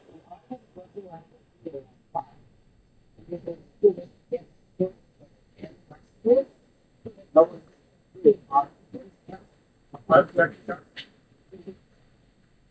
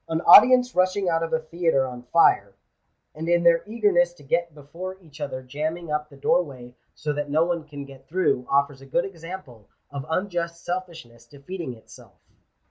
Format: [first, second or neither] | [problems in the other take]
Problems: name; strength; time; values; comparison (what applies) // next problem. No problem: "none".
second | noise reduction (neural mask model DeepFilterNet 3)